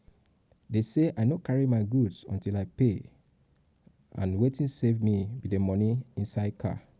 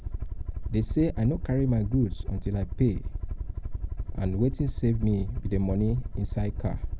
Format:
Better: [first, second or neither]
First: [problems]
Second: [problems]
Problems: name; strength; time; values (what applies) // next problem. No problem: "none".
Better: first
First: none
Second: background sound (Aircraft); 3 dB below the speech